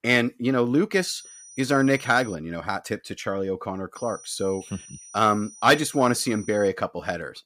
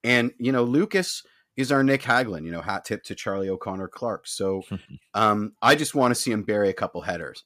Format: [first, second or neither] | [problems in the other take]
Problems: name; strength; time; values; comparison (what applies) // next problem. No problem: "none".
second | high-pitched whine; noticeable; from 1 to 2.5 s and from 4 to 6.5 s; 6 kHz, 20 dB below the speech